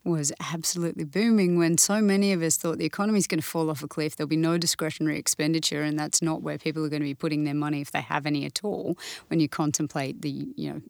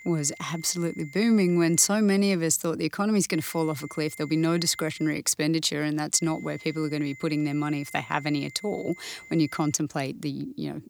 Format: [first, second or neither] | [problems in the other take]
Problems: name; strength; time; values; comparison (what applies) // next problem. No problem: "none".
first | high-pitched whine; noticeable; until 2 s, from 3.5 to 5 s and from 6 to 9.5 s; 2 kHz, 20 dB below the speech